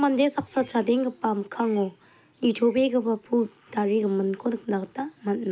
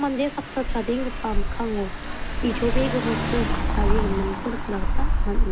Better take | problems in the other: first | background sound (Engine / Car); 4 dB above the speech

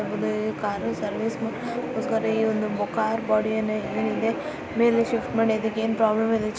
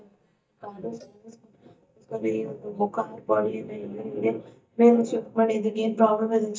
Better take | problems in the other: first | noise reduction (neural mask model DeepFilterNet 3)

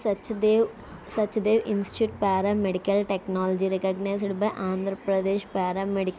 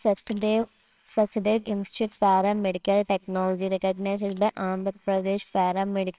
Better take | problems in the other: first | noise reduction (neural separator model SepFormer WHAMR!)

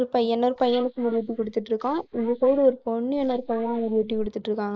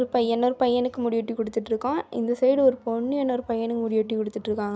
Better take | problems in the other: second | noise reduction (neural mask model Resemble Enhance denoiser)

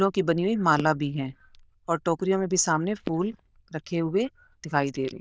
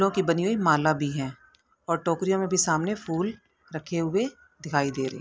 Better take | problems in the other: second | noise reduction (neural diffusion model UNIVERSE++)

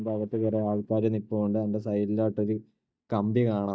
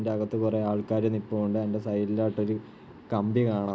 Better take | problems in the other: second | noise reduction (neural mask model DeepFilterNet 3)

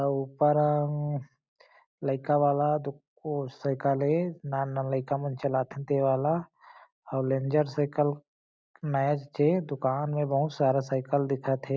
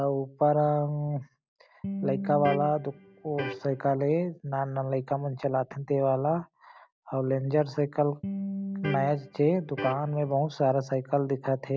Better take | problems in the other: first | background sound (Electric guitar); 7 dB below the speech

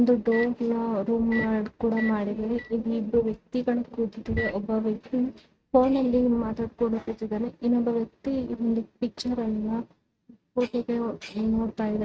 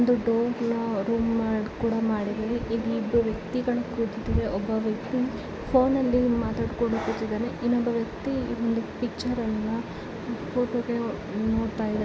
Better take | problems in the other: second | noise reduction (neural mask model RNNoise)

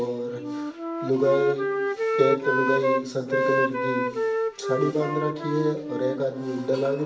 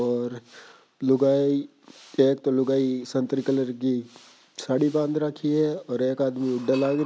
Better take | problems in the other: second | background sound (Wind instrument, woodwind instrument); 1 dB below the speech // room echo; dies away in 0.9 s

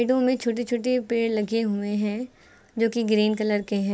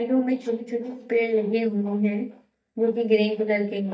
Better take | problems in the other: first | noise reduction (neural mask model DeepFilterNet 3)

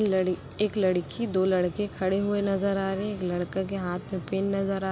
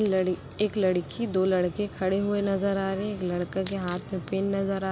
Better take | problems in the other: first | background sound (Coin (dropping)); 19 dB below the speech

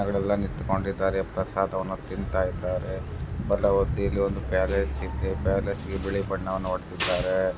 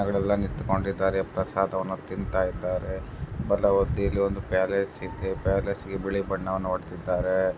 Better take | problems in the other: second | background sound (Bus); 8 dB below the speech

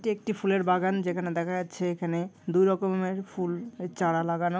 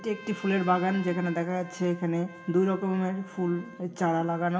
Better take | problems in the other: first | background sound (Trumpet); 19 dB below the speech // room echo; dies away in 0.9 s

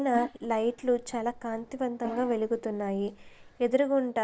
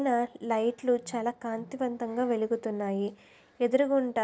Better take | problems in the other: second | noise reduction (neural mask model Resemble Enhance denoiser)

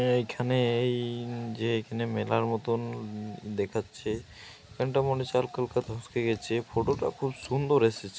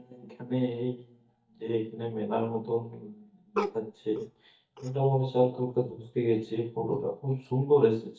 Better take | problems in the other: first | noise reduction (neural mask model DeepFilterNet 3)

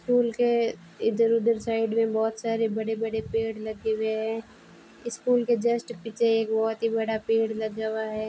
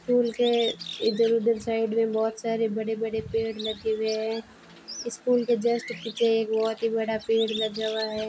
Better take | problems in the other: first | background sound (Bird); 14 dB below the speech

